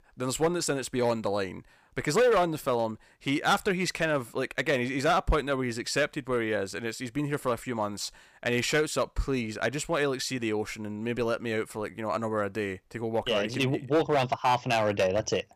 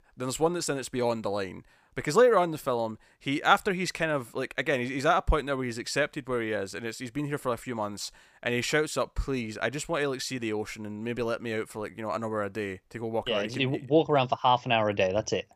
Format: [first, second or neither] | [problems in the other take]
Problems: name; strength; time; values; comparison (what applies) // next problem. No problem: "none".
second | distortion; slight; 3% of the sound clipped